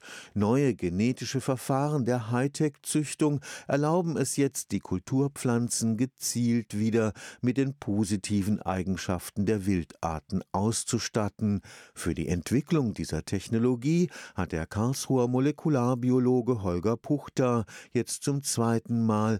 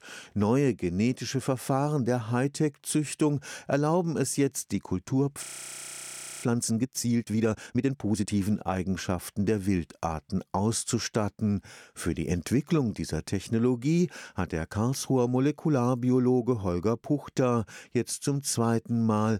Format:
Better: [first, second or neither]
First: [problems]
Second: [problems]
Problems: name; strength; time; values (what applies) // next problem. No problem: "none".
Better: first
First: none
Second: audio freezing; at 5.5 s for 1 s